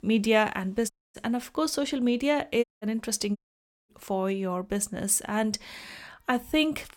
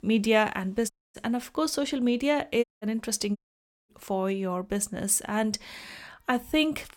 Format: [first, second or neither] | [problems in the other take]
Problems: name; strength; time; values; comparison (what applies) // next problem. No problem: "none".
neither | audio cutting out; at 1 s, at 2.5 s and at 3.5 s for 0.5 s; the same in both